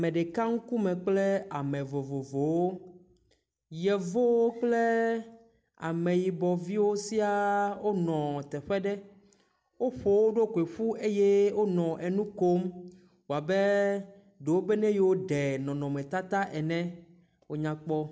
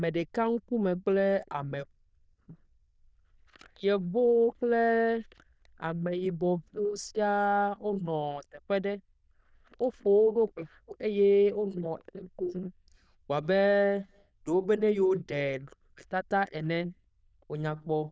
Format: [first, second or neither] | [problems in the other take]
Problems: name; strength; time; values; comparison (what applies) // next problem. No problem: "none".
first | noise reduction (neural diffusion model UNIVERSE++)